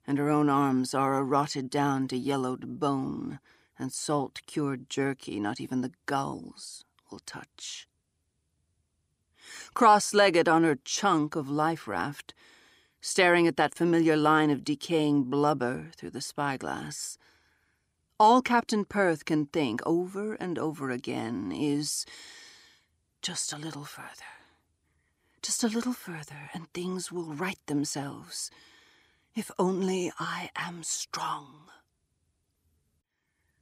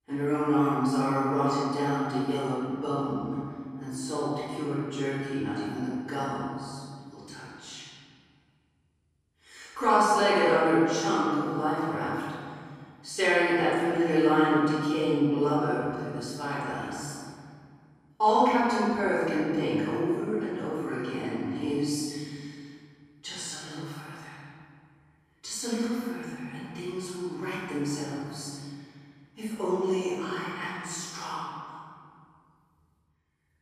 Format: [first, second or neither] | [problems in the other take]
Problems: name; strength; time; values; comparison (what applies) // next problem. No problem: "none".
first | off-mic speech; far // room echo; strong; dies away in 2.1 s